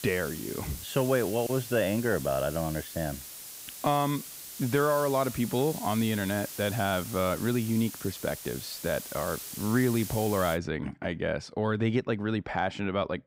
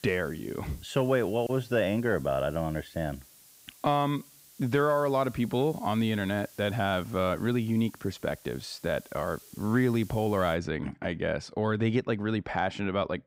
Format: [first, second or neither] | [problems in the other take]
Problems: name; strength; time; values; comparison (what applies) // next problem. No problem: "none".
second | hiss; loud; until 11 s; 10 dB below the speech; faint in the second